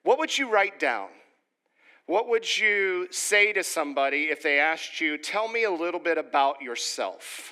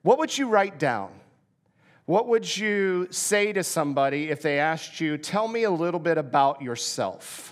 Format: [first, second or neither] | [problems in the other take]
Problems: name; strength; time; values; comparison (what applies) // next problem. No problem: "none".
second | thin; somewhat; fading below 300 Hz